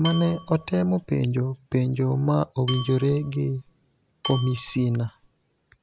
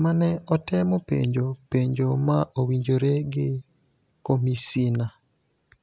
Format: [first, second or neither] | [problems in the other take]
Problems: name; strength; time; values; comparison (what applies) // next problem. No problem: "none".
second | background sound (Dishes, pots, and pans / Glass / Bell); 14 dB below the speech